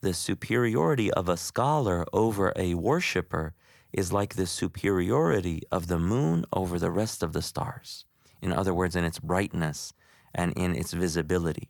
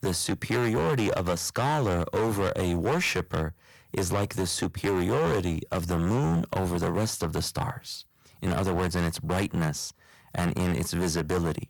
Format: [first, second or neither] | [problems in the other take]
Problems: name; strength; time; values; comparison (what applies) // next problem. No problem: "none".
first | distortion; heavy; 16% of the sound clipped